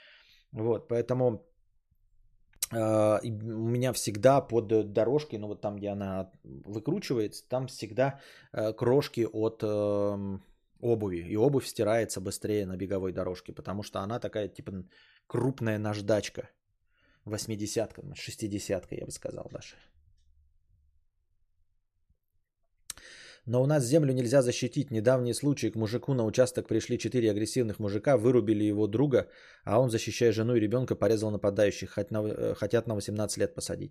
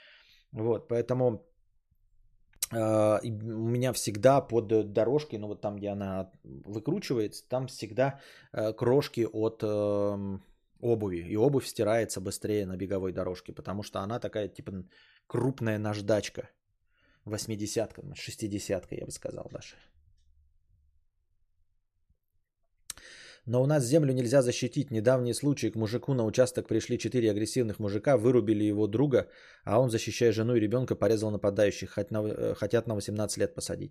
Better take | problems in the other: neither | none

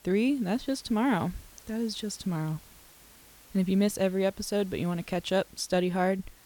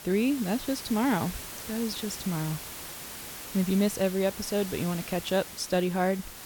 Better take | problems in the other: first | hiss; loud; throughout; 10 dB below the speech; faint in the first

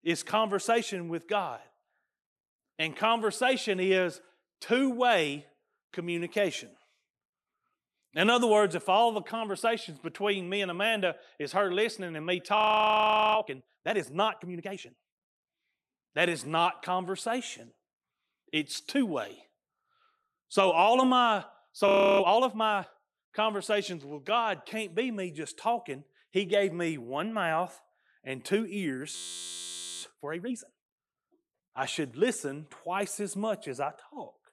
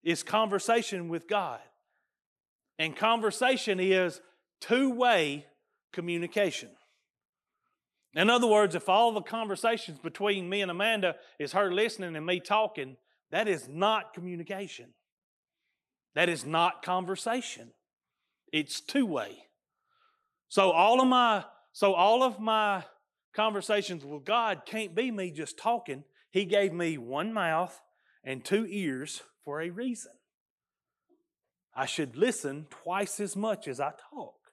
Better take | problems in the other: second | audio freezing; at 13 s for 1 s, at 22 s and at 29 s for 1 s

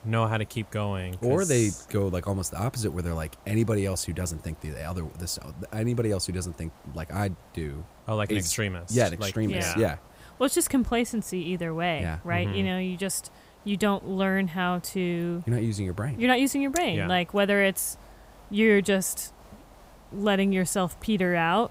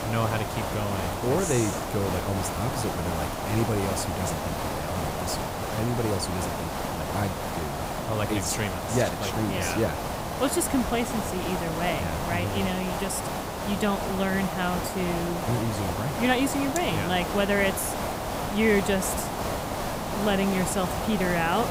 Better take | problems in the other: first | hiss; loud; throughout; 2 dB below the speech; faint in the first

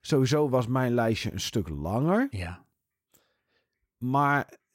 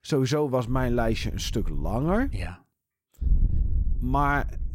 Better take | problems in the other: first | wind noise on the microphone; occasional gusts; from 0.5 to 2.5 s and from 3 s on; 20 dB below the speech

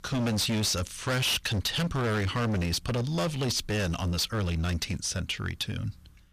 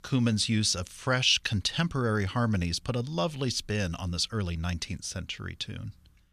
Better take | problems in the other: second | distortion; heavy; 28% of the sound clipped

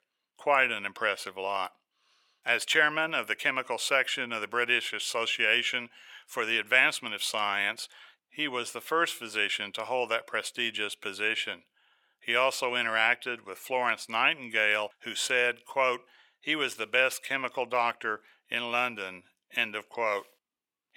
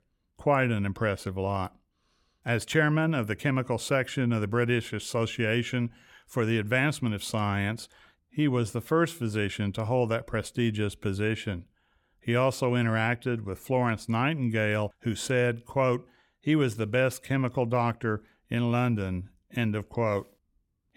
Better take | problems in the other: second | thin; very; fading below 650 Hz

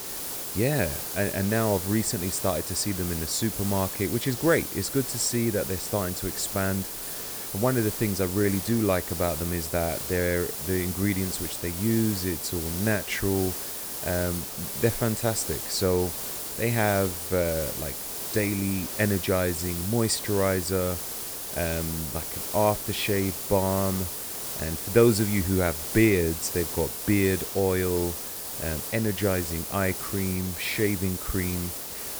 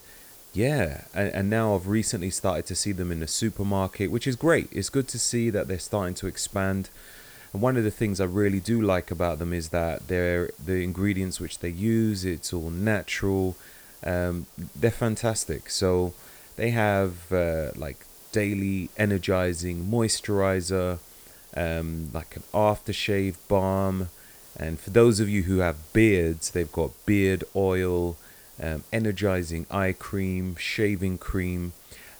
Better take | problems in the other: second | hiss; loud; throughout; 4 dB below the speech; faint in the second

